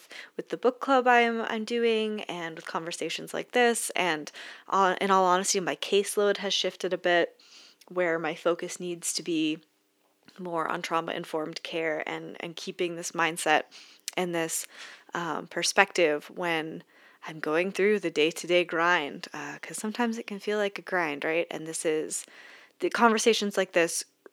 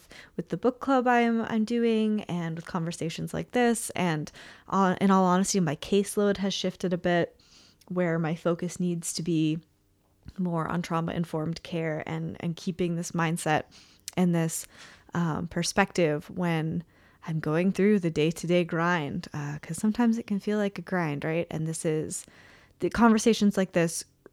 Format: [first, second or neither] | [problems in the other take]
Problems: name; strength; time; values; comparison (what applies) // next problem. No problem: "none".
second | thin; somewhat; fading below 300 Hz